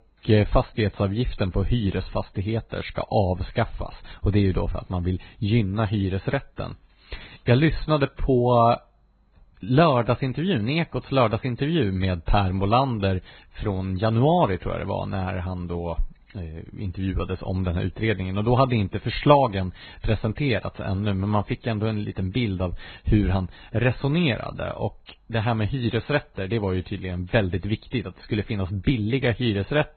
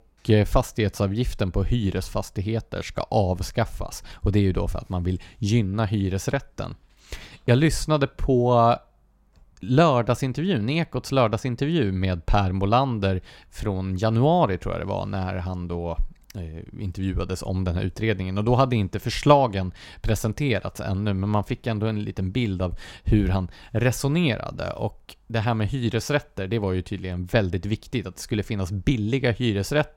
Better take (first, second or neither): second